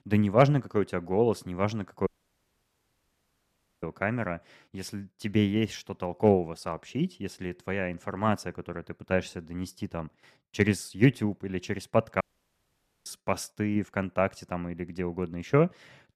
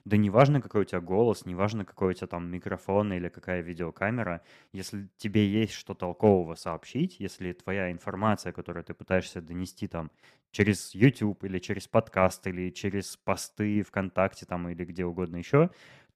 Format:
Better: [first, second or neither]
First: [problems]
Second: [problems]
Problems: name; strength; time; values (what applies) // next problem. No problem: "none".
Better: second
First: audio cutting out; at 2 s for 2 s and at 12 s for 1 s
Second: none